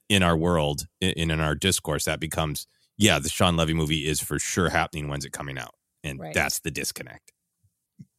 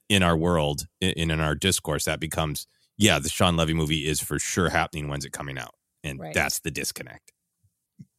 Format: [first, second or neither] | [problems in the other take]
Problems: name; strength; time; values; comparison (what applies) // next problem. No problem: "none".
neither | none